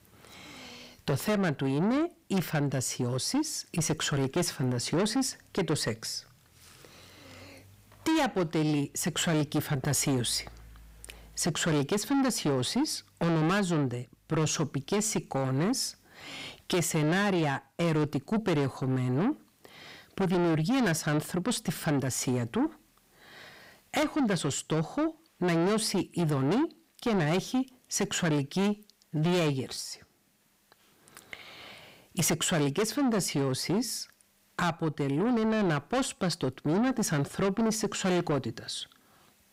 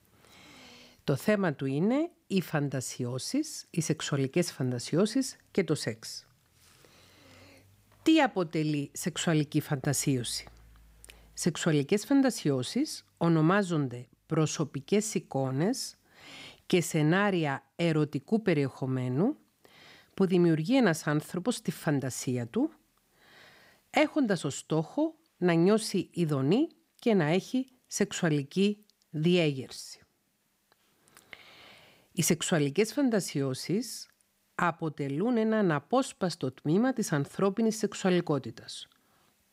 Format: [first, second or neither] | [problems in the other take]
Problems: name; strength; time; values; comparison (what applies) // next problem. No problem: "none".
second | distortion; heavy; 7 dB below the speech